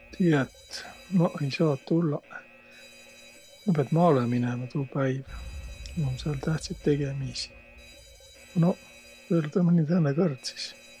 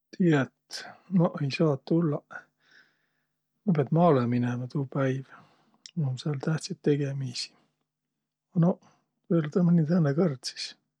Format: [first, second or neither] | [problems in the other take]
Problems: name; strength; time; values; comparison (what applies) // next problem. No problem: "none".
second | background sound (Alarm); 19 dB below the speech